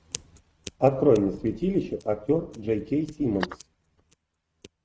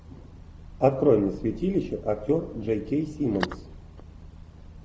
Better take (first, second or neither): second